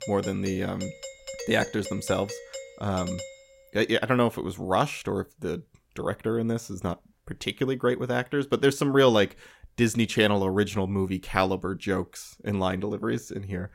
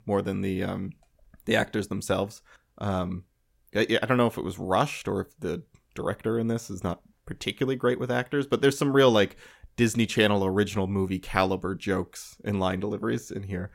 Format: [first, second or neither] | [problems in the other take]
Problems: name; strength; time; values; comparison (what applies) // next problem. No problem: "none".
second | doorbell; faint; until 3.5 s; peak 10 dB below the speech